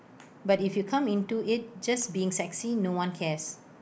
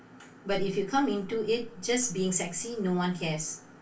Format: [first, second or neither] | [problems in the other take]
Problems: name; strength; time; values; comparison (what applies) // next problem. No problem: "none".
first | room echo; dies away in 0.1 s